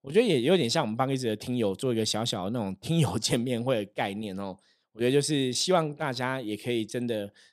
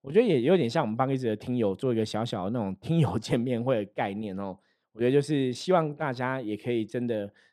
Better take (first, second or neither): first